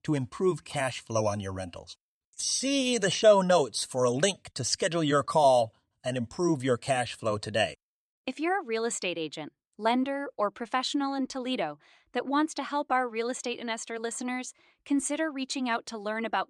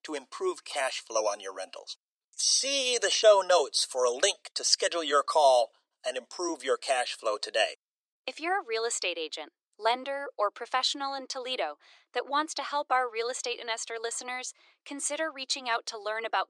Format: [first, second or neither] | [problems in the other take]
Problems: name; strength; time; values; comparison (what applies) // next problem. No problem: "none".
first | thin; very; fading below 400 Hz